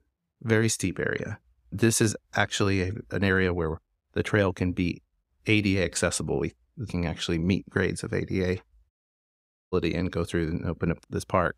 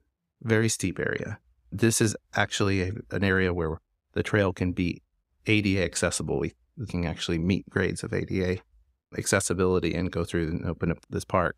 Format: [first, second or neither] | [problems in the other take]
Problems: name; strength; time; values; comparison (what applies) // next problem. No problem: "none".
second | audio cutting out; at 9 s for 1 s